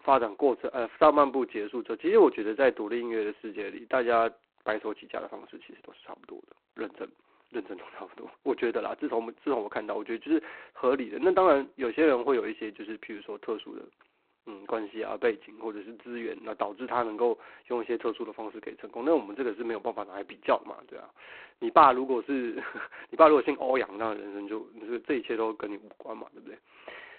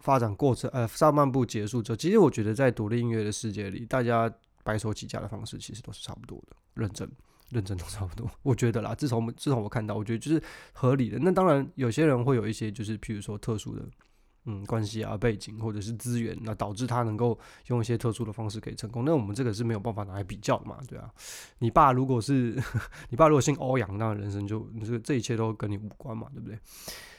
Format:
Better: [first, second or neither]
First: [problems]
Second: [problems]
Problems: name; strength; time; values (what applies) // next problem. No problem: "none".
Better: second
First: phone-call audio; poor line; nothing above 4 kHz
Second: none